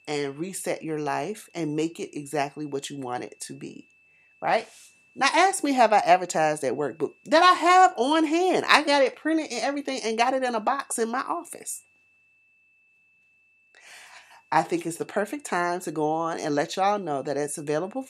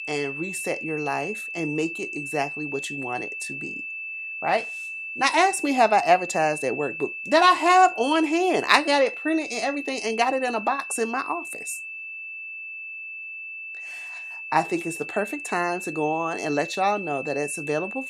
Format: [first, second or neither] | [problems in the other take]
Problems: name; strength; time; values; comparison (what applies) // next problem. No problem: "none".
first | high-pitched whine; loud; throughout; 2.5 kHz, 8 dB below the speech; faint in the first